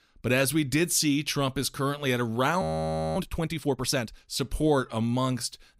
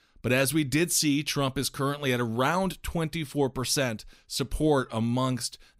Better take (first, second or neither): second